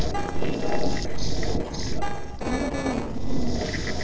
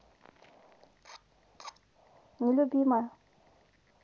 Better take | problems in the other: second | noise reduction (neural separator model SepFormer DNS4)

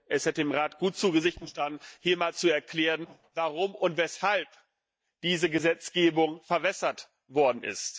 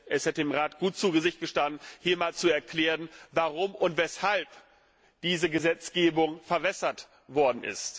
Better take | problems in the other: second | noise reduction (neural mask model DeepFilterNet 3)

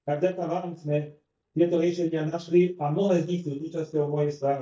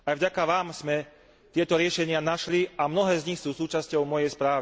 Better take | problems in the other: second | noise reduction (neural mask model DeepFilterNet 3)

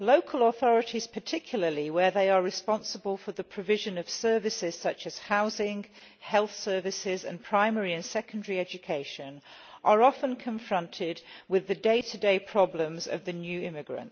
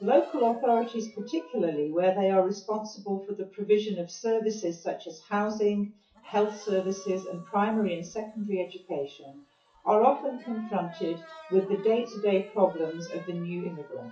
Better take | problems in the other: first | noise reduction (classical method WPE with log-MMSE)

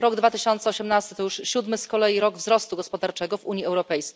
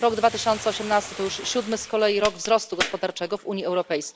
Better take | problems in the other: first | background sound (Bathtub (filling or washing) + Crack); 12 dB below the speech

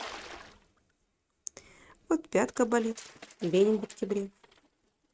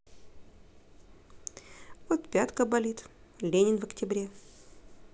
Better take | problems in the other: second | noise reduction (neural mask model RNNoise)

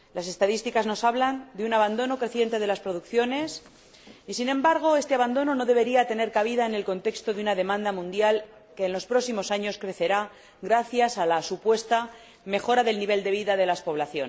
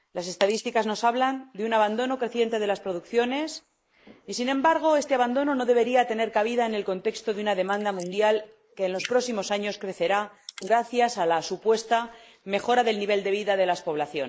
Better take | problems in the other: first | noise reduction (neural mask model Resemble Enhance denoiser)

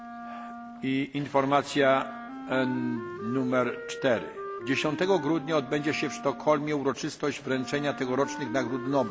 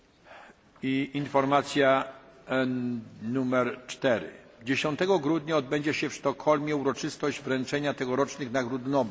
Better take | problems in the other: second | background sound (Wind instrument, woodwind instrument); 11 dB below the speech

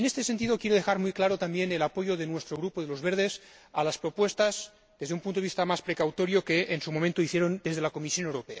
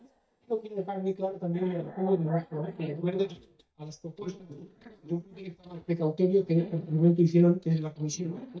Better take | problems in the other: first | noise reduction (neural mask model DeepFilterNet 3)

